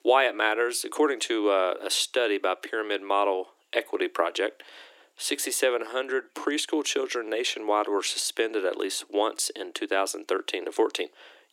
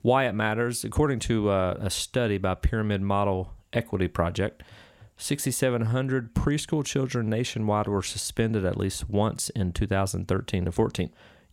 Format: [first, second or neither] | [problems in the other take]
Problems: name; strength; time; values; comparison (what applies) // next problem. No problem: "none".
second | thin; very; fading below 300 Hz